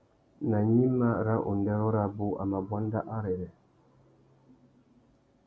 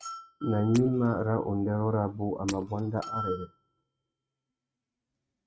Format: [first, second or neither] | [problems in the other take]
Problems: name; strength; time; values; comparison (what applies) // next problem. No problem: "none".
first | noise reduction (neural mask model RNNoise)